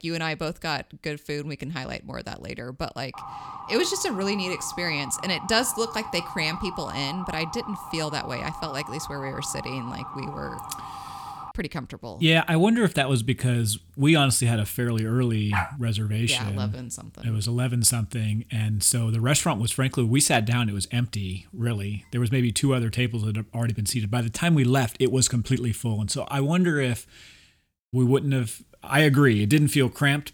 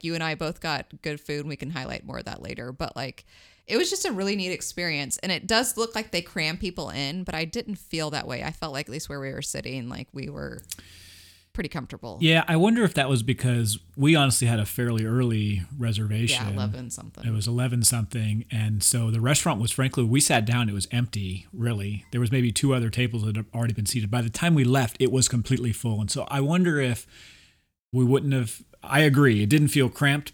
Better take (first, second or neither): second